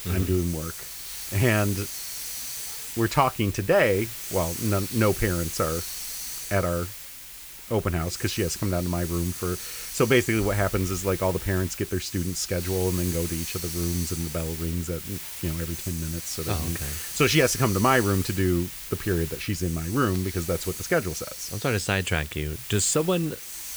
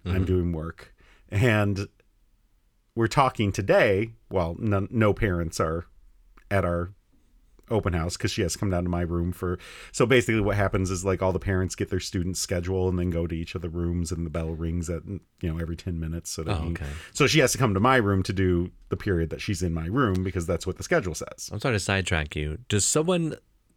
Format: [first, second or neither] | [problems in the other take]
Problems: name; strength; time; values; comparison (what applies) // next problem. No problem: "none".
second | hiss; loud; throughout; 7 dB below the speech